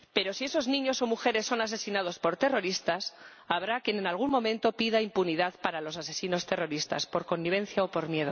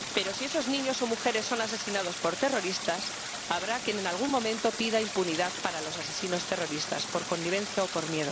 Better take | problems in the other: first | background sound (Stream); 6 dB below the speech

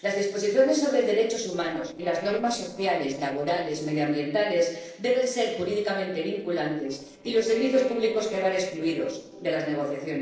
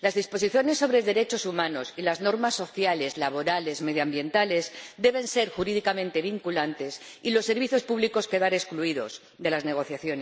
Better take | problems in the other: second | noise reduction (neural separator model SepFormer DNS4)

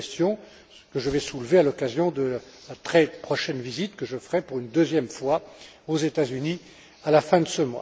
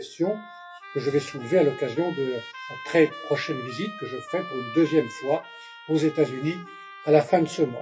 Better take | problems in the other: first | noise reduction (classical method WPE with log-MMSE)

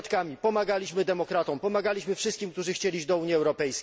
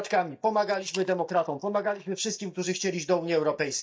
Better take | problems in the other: first | noise reduction (neural mask model DeepFilterNet 3)

